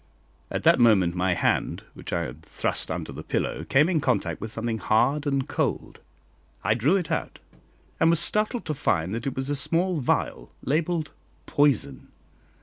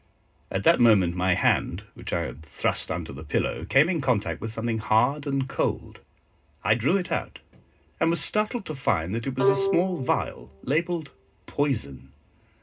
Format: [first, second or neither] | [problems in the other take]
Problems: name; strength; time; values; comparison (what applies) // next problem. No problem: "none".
first | background sound (Bowed string instrument); 5 dB below the speech // room echo; dies away in 0.2 s